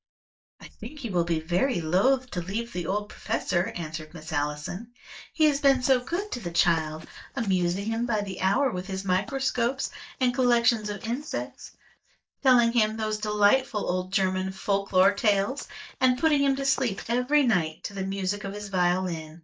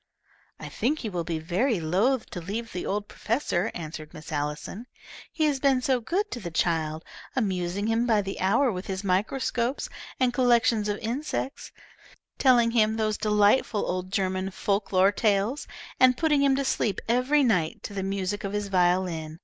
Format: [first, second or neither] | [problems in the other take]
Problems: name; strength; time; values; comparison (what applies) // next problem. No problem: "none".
second | noise reduction (neural mask model DeepFilterNet 3)